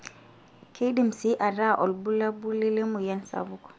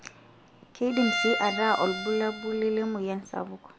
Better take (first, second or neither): first